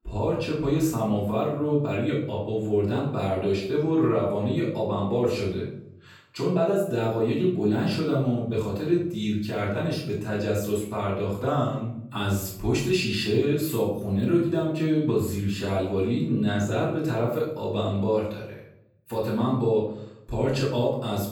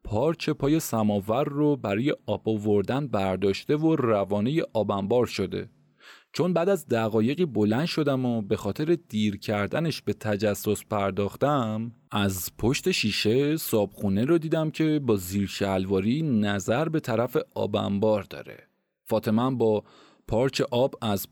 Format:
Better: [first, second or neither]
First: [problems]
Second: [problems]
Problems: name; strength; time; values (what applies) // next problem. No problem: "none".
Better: second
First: off-mic speech; far // room echo; noticeable; dies away in 0.6 s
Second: none